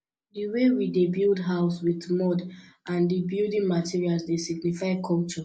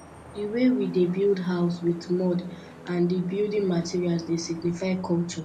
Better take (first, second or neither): first